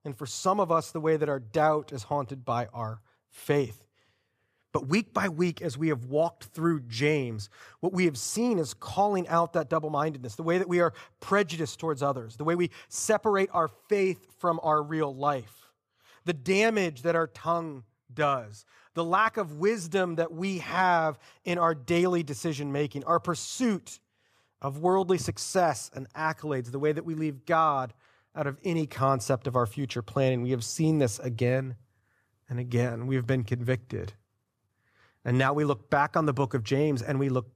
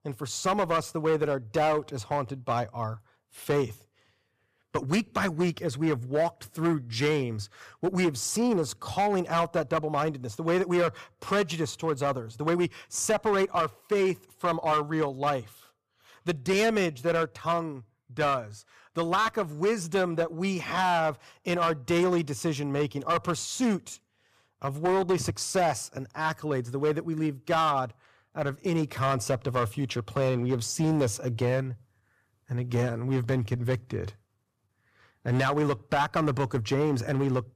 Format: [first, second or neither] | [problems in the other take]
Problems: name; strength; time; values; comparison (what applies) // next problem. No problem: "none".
first | distortion; slight; 6% of the sound clipped